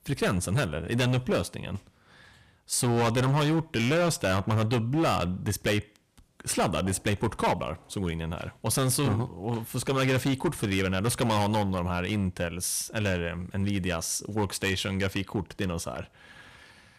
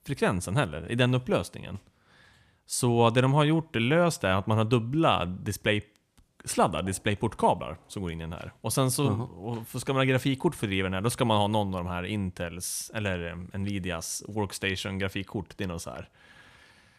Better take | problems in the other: second | distortion; heavy; 11% of the sound clipped

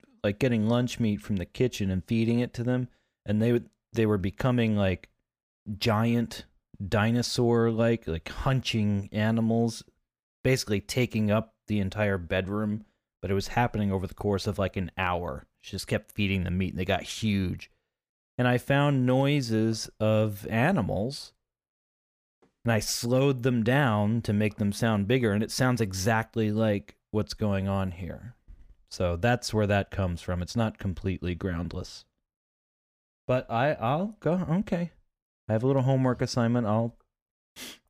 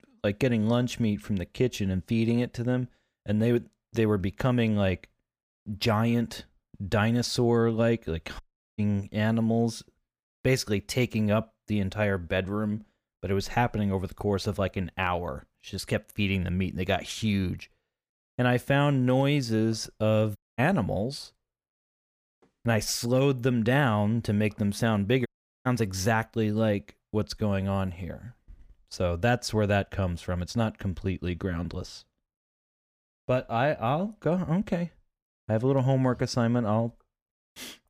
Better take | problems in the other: first | audio cutting out; at 8.5 s, at 20 s and at 25 s

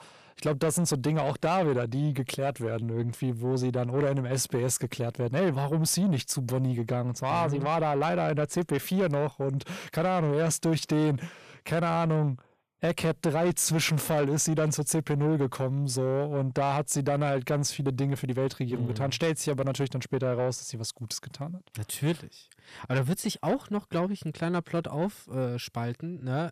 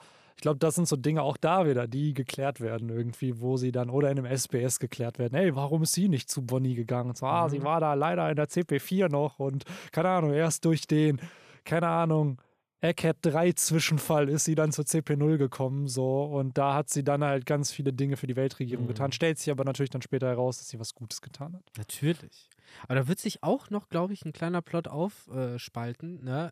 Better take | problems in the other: second | distortion; slight; 10 dB below the speech

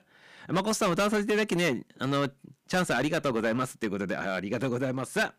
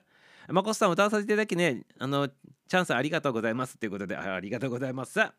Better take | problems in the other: second | distortion; heavy; 10% of the sound clipped

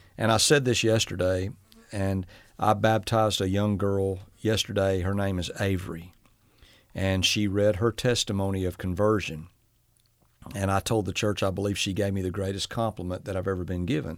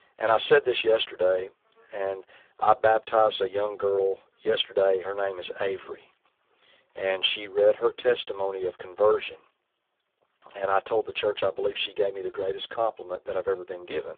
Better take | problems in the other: first | phone-call audio; poor line; nothing above 3.5 kHz

